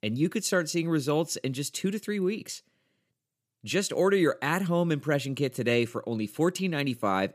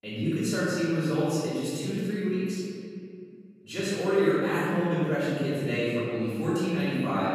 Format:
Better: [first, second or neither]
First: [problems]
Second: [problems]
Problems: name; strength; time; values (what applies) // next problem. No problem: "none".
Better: first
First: none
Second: off-mic speech; far // room echo; strong; dies away in 2.2 s